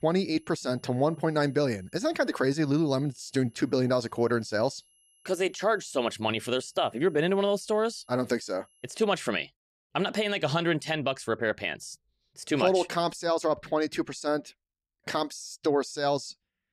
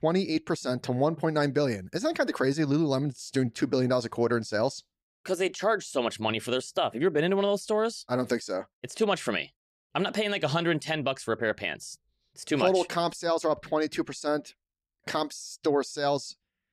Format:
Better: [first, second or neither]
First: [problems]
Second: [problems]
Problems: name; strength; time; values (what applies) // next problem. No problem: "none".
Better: second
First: high-pitched whine; faint; until 9 s; 11 kHz, 35 dB below the speech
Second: none